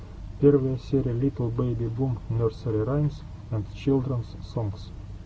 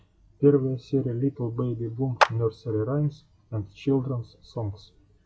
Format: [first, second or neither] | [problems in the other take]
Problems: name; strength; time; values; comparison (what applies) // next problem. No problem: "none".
first | noise reduction (classical method log-MMSE)